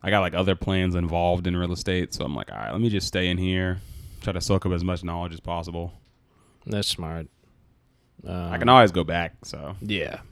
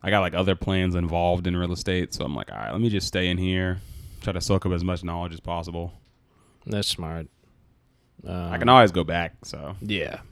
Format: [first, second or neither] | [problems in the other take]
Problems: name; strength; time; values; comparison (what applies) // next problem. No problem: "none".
neither | none